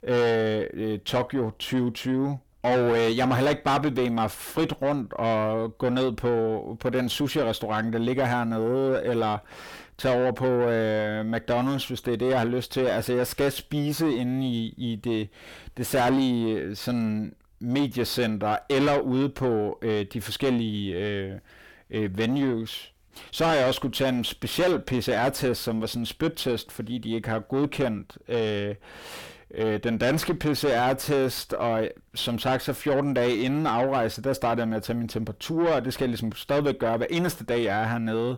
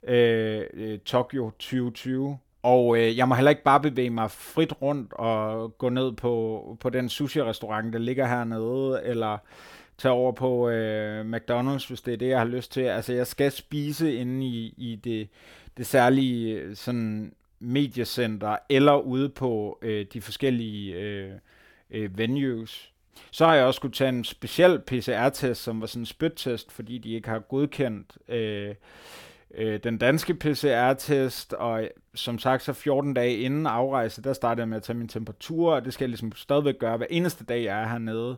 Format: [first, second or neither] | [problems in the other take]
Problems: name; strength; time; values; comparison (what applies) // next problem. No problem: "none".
second | distortion; heavy; 6 dB below the speech